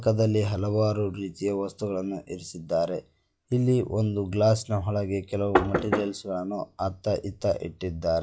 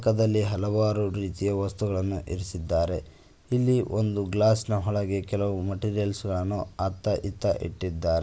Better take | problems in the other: second | noise reduction (classical method log-MMSE)

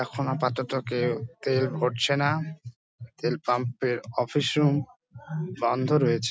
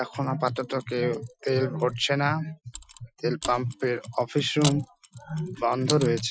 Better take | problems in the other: first | noise reduction (classical method Wiener filter)

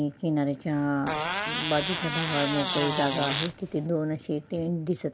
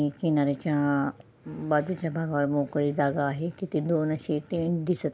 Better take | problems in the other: second | background sound (Fart); 3 dB below the speech

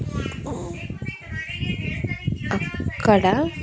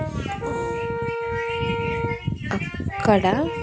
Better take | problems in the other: first | background sound (Brass instrument); 4 dB below the speech

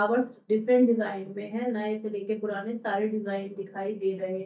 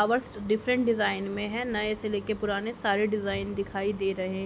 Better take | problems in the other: second | noise reduction (neural mask model DeepFilterNet 3)

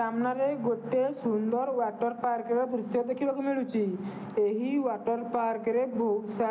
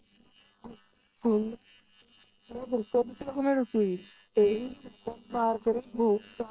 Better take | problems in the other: first | noise reduction (neural separator model SepFormer WHAM!)

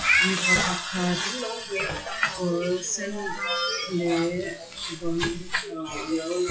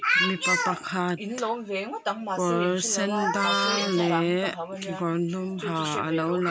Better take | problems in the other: second | noise reduction (classical method WPE with log-MMSE)

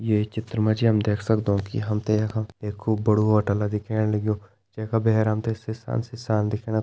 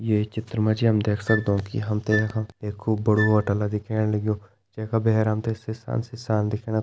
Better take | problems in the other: first | background sound (Wind instrument, woodwind instrument); 11 dB below the speech

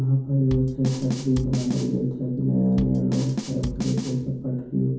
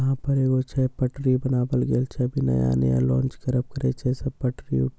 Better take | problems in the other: second | background sound (Drum kit); 10 dB below the speech // room echo; dies away in 1.2 s

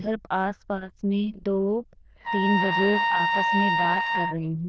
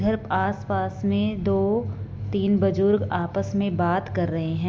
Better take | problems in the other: second | noise reduction (neural diffusion model UNIVERSE++)

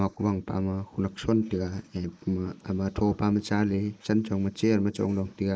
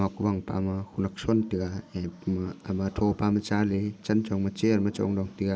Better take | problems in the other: second | noise reduction (neural mask model Resemble Enhance denoiser)

